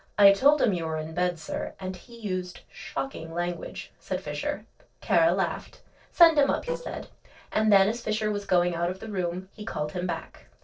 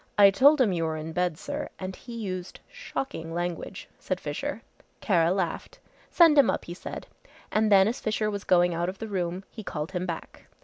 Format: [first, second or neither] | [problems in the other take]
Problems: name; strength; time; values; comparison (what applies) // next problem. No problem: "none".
second | noise reduction (neural separator model SepFormer DNS4)